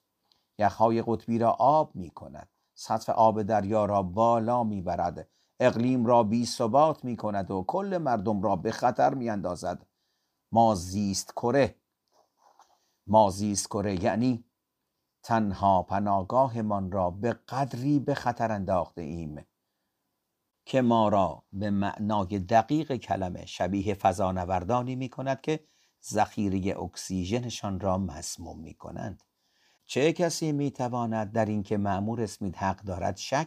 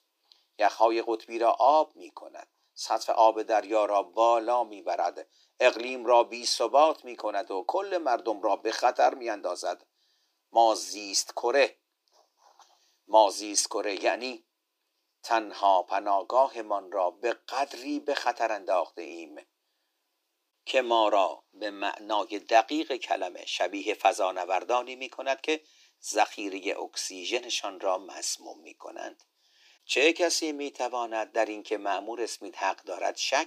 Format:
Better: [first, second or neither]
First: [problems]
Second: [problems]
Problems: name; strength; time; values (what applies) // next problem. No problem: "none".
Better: first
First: none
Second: thin; very; fading below 300 Hz